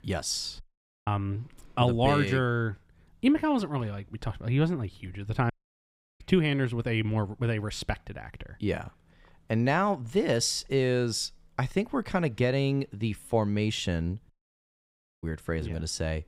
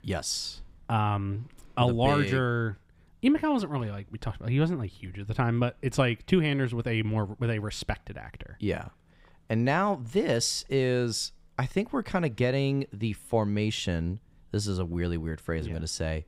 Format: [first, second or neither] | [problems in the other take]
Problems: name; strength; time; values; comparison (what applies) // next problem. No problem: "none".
second | audio cutting out; at 0.5 s, at 5.5 s for 0.5 s and at 14 s for 1 s